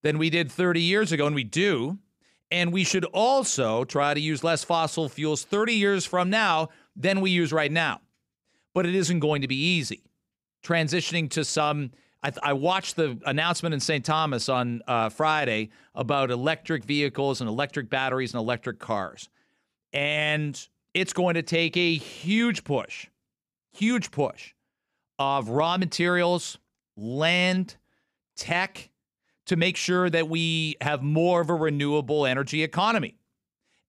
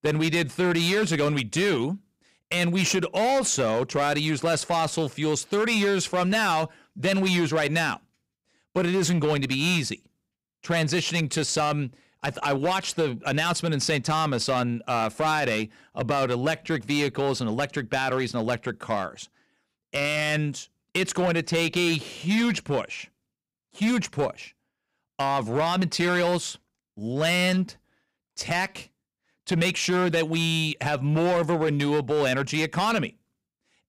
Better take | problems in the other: first | distortion; slight; 8% of the sound clipped

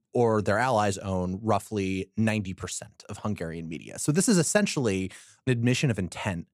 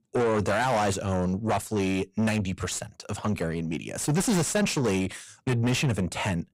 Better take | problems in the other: first | distortion; heavy; 7 dB below the speech

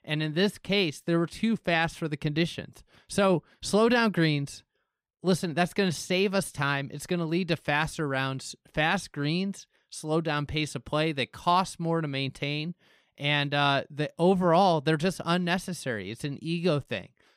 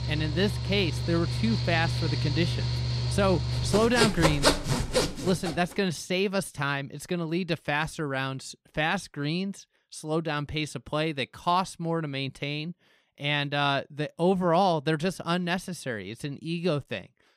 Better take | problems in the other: first | machinery noise; very loud; until 5 s; as loud as the speech

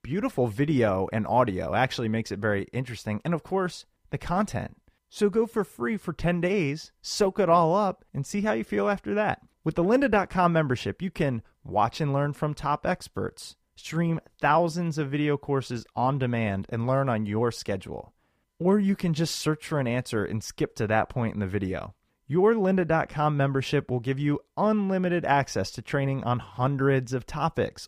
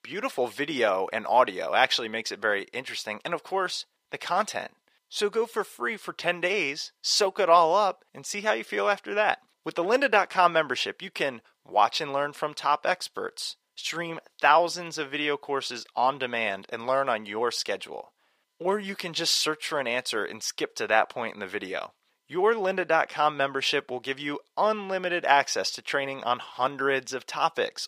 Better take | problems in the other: first | thin; very; fading below 500 Hz

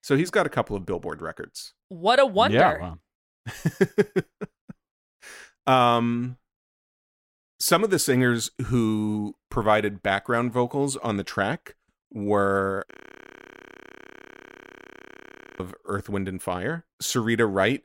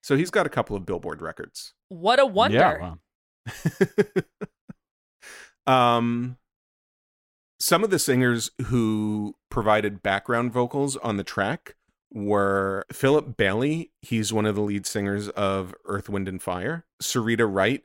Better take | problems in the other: second | audio freezing; at 13 s for 2.5 s

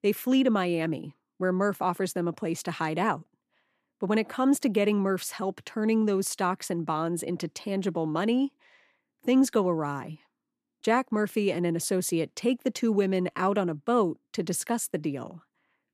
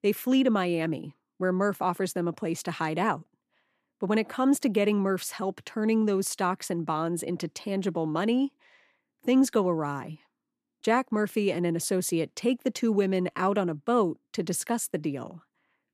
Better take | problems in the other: neither | none

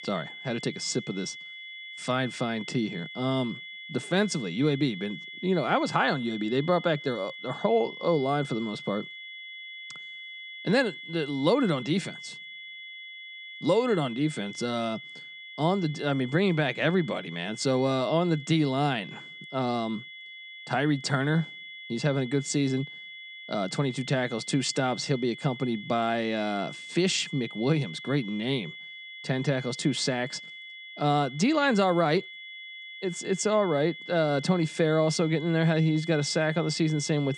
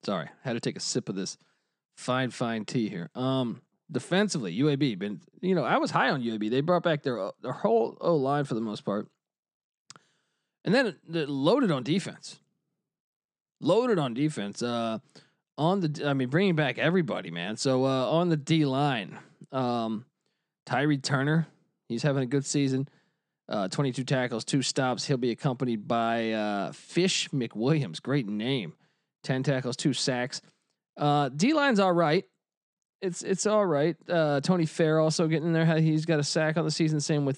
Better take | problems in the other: second | high-pitched whine; noticeable; throughout; 2 kHz, 15 dB below the speech

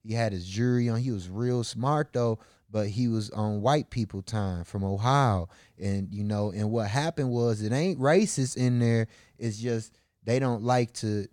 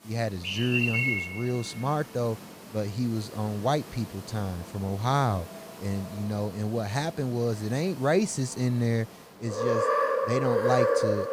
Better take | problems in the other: first | animal sounds; very loud; throughout; 2 dB above the speech

